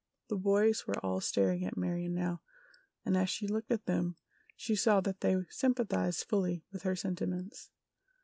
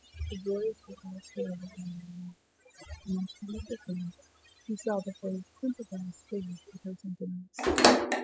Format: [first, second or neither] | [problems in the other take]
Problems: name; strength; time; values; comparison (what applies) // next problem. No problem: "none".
first | noise reduction (classical method spectral subtraction)